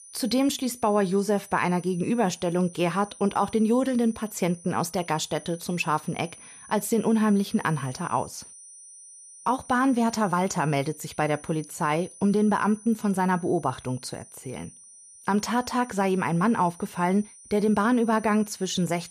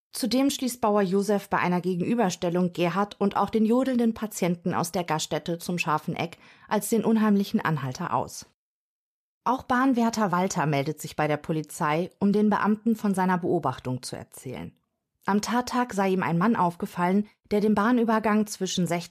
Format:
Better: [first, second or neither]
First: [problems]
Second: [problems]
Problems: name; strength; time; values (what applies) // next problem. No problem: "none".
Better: second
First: high-pitched whine; noticeable; throughout; 9.5 kHz, 20 dB below the speech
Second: none